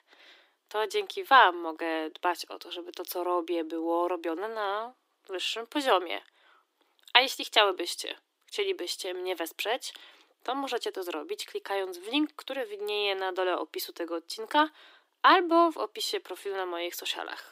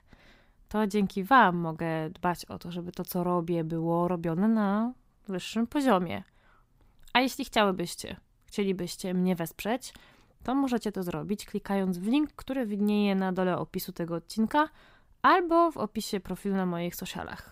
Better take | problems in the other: second | thin; very; fading below 300 Hz

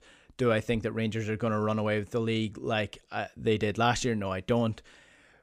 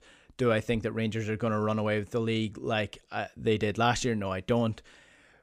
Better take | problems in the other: neither | none

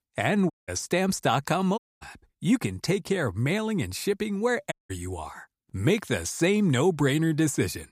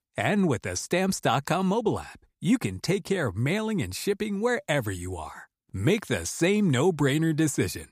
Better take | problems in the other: second | audio cutting out; at 0.5 s, at 2 s and at 4.5 s

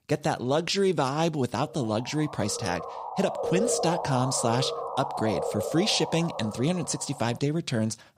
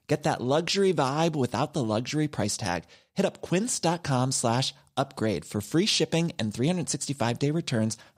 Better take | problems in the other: second | siren; noticeable; from 2 to 7 s; peak level with the speech

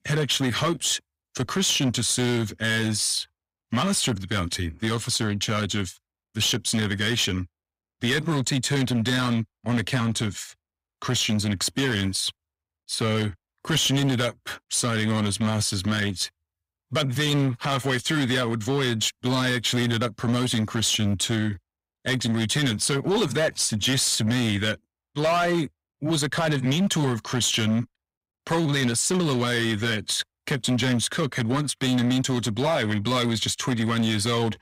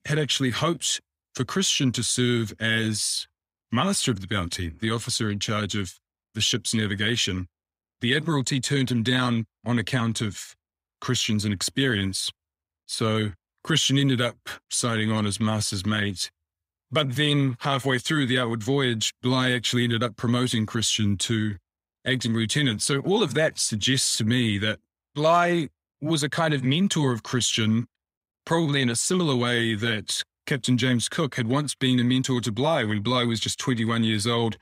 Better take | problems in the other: second | distortion; slight; 10% of the sound clipped

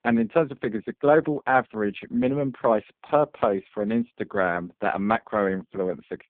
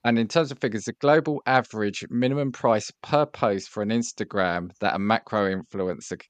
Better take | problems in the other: second | phone-call audio; poor line; nothing above 3.5 kHz

